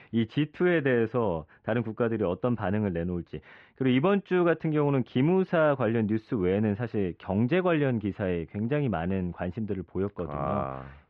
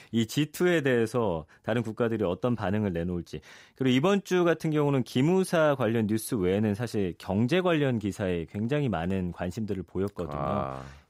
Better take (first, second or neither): second